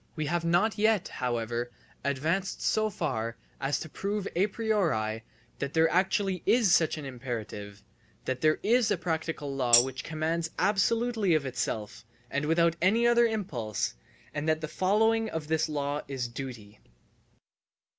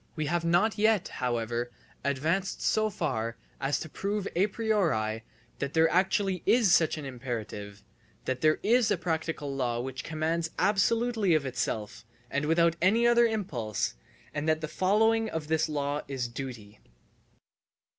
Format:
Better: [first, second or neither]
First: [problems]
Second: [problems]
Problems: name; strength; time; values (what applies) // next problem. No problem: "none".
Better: second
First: background sound (Tambourine); 2 dB below the speech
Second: none